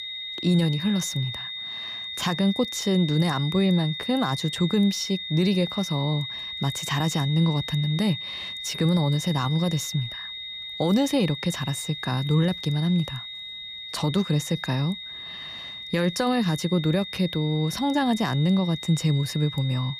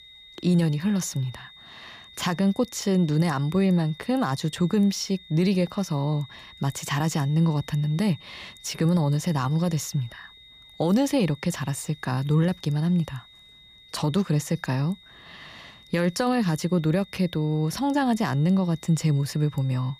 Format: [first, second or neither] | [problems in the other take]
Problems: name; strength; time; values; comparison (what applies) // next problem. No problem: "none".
second | high-pitched whine; loud; throughout; 3.5 kHz, 8 dB below the speech; faint in the second